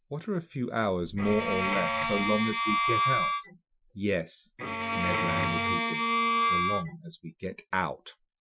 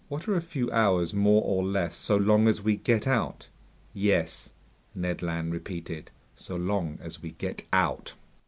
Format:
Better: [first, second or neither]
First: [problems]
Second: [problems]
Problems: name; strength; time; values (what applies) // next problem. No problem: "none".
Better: second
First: noise reduction (classical method Wiener filter)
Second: none